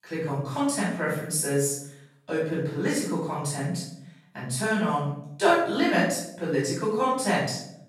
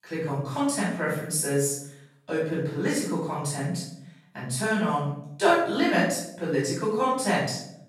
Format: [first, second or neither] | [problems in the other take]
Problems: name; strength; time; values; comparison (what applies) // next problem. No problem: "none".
neither | room echo; noticeable; dies away in 0.6 s; the same in both // off-mic speech; far; the same in both